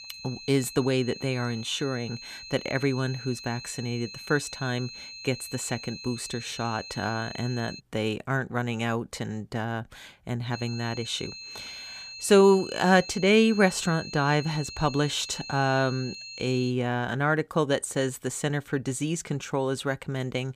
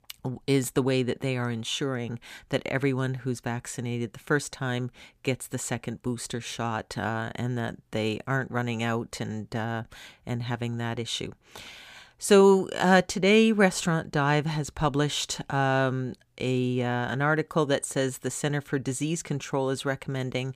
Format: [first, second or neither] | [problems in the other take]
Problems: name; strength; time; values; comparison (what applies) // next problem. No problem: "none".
second | high-pitched whine; noticeable; until 8 s and from 11 to 17 s; 4 kHz, 10 dB below the speech